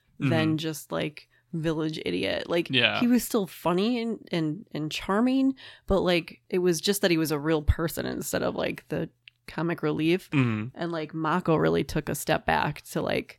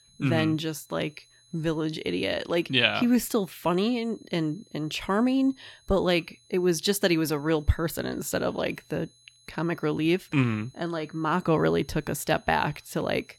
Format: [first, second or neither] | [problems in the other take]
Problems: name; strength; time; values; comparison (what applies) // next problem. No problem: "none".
first | high-pitched whine; faint; throughout; 4 kHz, 30 dB below the speech